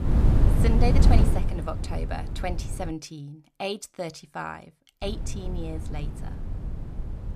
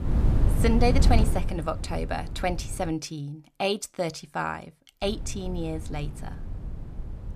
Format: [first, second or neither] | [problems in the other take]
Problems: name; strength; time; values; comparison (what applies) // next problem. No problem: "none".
second | wind noise on the microphone; heavy; until 3 s and from 5 s on; 3 dB below the speech; occasional gusts in the second